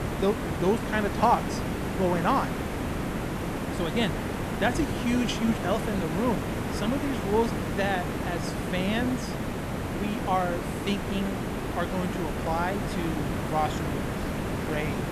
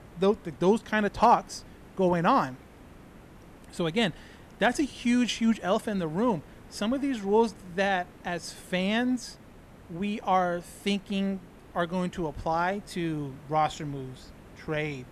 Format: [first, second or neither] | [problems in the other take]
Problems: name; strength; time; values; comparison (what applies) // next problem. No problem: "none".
second | hiss; loud; throughout; 2 dB below the speech; faint in the second